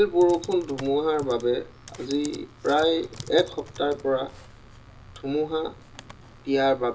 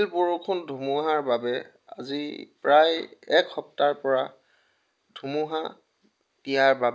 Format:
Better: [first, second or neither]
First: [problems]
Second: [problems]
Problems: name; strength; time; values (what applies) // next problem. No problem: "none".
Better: second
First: background sound (Computer keyboard); 18 dB below the speech // room echo; dies away in 0.2 s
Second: none